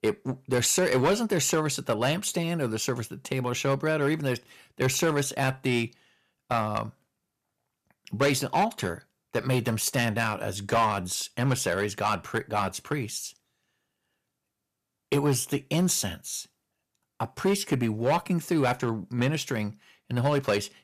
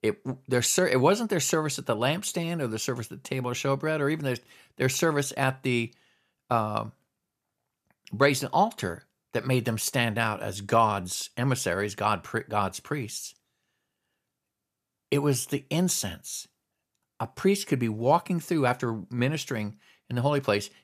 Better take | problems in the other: second | distortion; slight; 4% of the sound clipped

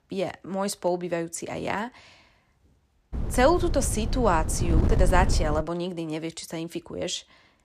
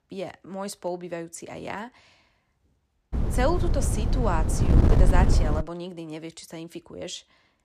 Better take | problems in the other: first | wind noise on the microphone; heavy; from 3 to 5.5 s; 2 dB below the speech; occasional gusts in the first

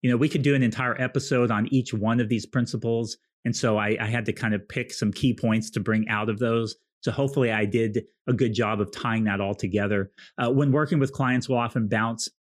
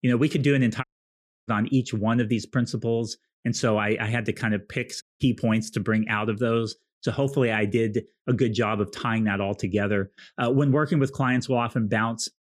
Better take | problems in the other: first | audio cutting out; at 1 s for 0.5 s and at 5 s

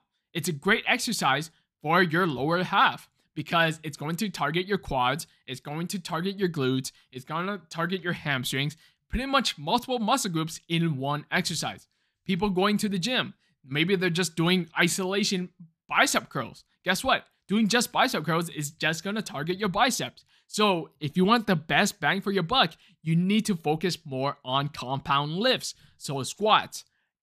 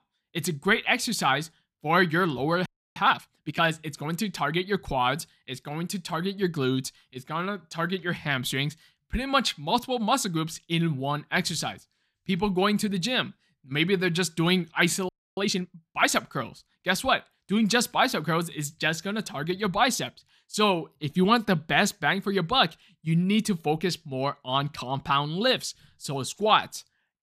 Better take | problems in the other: first | audio freezing; at 2.5 s and at 15 s

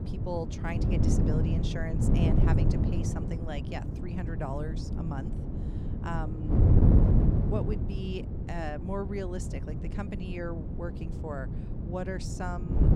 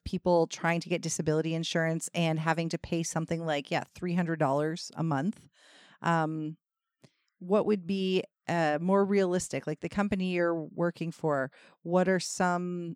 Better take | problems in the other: second | wind noise on the microphone; heavy; as loud as the speech

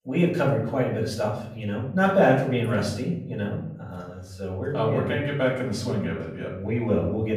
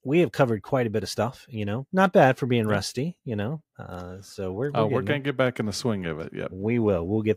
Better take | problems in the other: second | off-mic speech; far // room echo; noticeable; dies away in 0.7 s

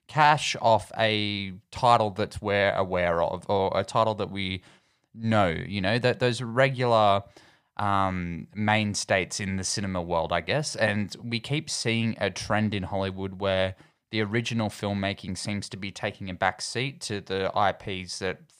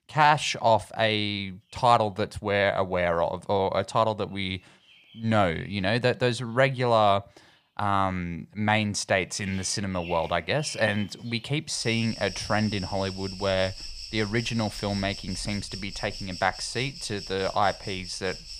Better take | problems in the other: first | animal sounds; noticeable; throughout; 15 dB below the speech

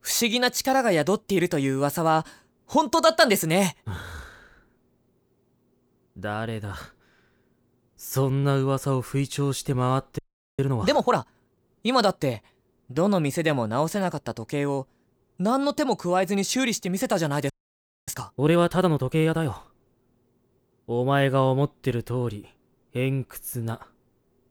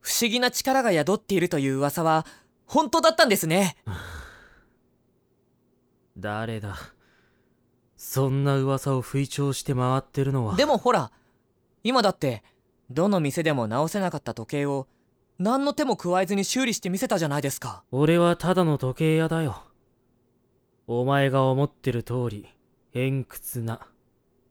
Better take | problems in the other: second | audio freezing; at 10 s and at 18 s for 0.5 s

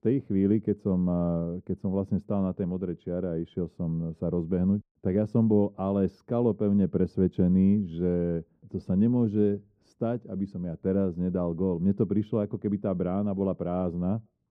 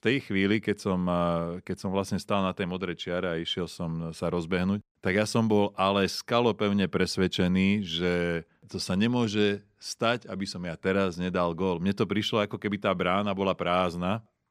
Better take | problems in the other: second | muffled; very; fading above 1 kHz

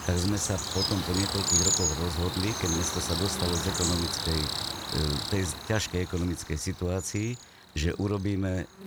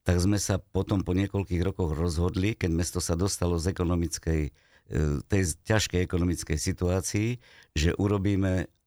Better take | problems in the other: second | animal sounds; very loud; throughout; 2 dB above the speech

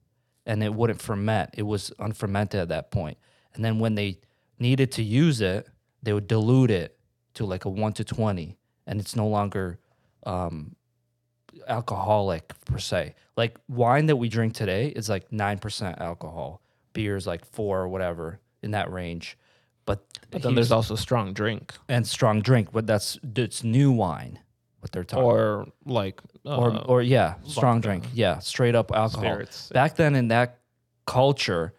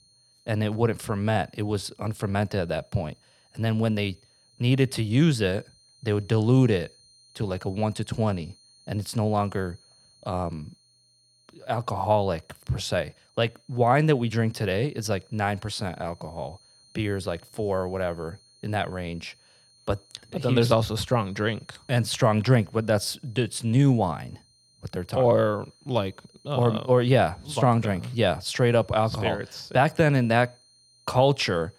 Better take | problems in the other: first | high-pitched whine; faint; throughout; 4 kHz, 30 dB below the speech

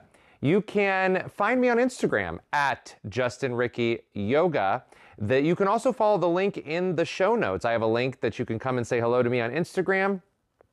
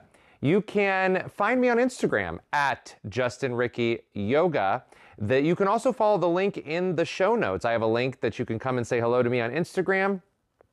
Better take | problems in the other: neither | none

